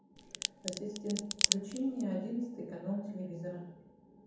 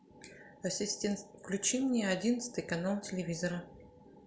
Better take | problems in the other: second | background sound (Crack); 3 dB above the speech // room echo; dies away in 1.2 s

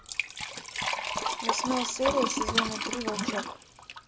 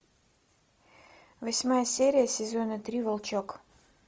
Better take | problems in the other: second | background sound (Liquid); 3 dB above the speech

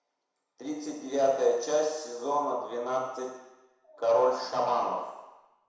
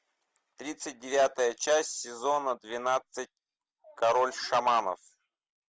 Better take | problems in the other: second | room echo; dies away in 1 s

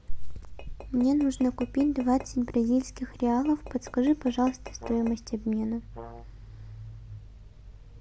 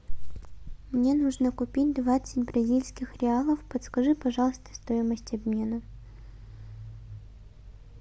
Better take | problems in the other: second | background sound (Brass instrument + Tap / Glass); 18 dB below the speech

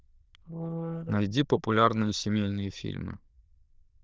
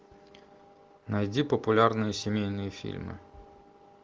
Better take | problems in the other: second | noise reduction (neural diffusion model UNIVERSE++)

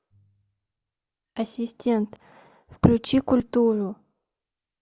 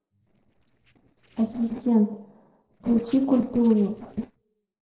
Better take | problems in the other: first | noise reduction (neural separator model SepFormer DNS4)

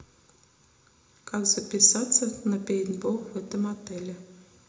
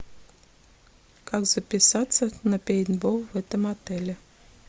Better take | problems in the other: second | room echo; dies away in 0.5 s

